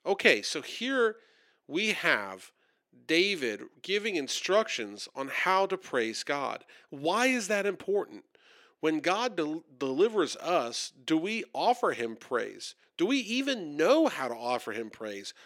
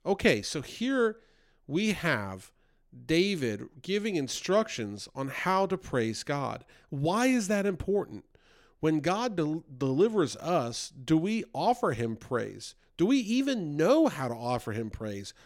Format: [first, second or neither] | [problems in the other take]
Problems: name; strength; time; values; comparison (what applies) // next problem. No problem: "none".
second | thin; very slightly; fading below 350 Hz